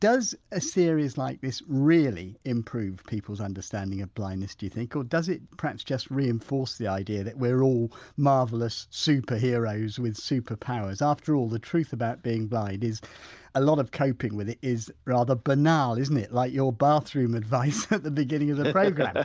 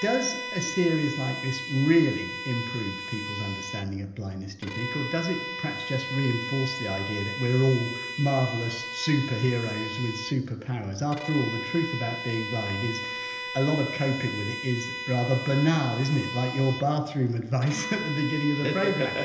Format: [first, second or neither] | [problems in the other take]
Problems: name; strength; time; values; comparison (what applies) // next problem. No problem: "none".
first | background sound (Bowed string instrument); 8 dB below the speech // room echo; dies away in 0.8 s